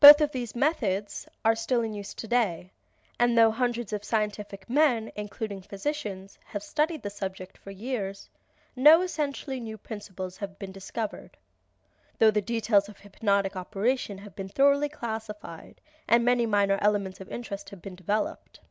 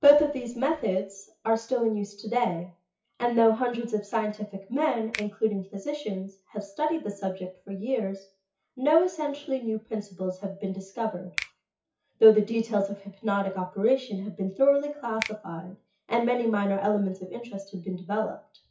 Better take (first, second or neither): first